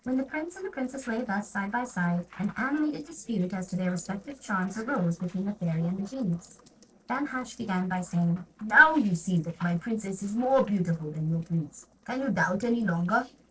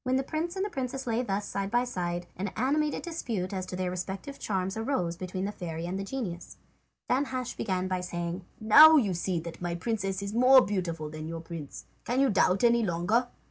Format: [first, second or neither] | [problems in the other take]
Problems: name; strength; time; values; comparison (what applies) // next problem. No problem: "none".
second | noise reduction (neural separator model SepFormer DNS4)